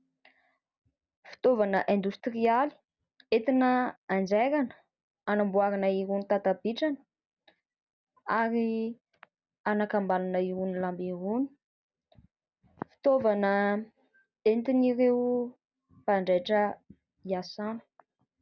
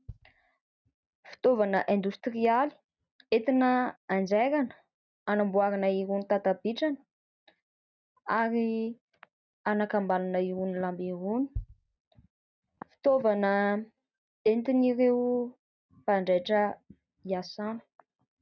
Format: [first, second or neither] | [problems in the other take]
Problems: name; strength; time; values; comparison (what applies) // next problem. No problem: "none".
first | noise reduction (neural mask model RNNoise)